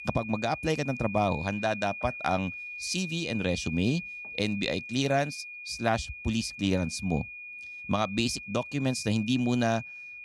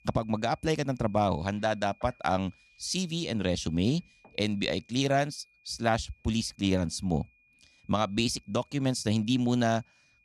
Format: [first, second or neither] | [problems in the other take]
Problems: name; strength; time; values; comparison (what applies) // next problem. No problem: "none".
second | high-pitched whine; loud; throughout; 2.5 kHz, 9 dB below the speech; faint in the second